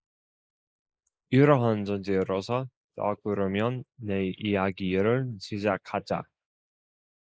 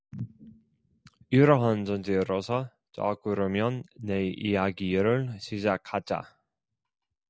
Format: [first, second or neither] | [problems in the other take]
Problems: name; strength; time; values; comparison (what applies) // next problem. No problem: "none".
second | noise reduction (neural mask model Resemble Enhance denoiser)